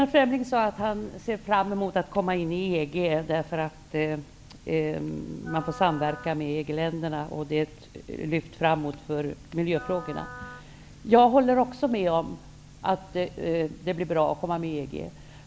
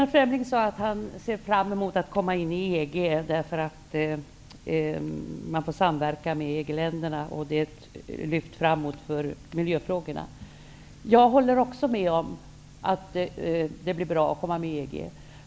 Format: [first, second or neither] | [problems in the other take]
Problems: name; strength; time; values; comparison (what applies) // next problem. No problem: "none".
second | background sound (Wind instrument, woodwind instrument); 17 dB below the speech